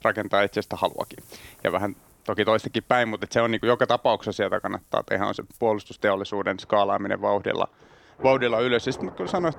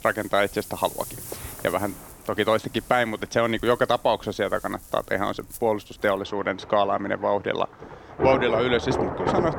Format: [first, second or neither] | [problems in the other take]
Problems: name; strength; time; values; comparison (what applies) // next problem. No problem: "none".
first | rain or running water; loud; throughout; 7 dB below the speech; faint in the first